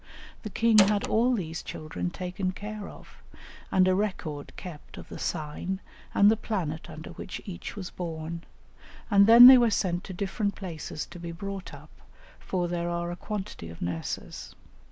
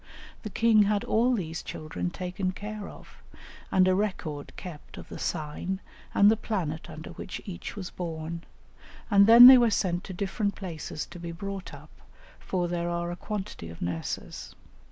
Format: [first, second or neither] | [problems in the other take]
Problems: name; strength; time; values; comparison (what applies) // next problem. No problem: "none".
second | background sound (Door); 3 dB below the speech